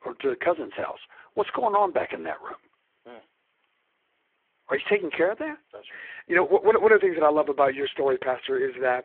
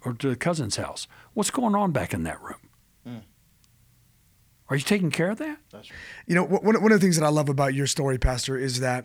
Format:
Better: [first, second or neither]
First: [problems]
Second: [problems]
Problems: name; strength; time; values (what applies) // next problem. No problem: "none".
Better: second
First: phone-call audio; poor line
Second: none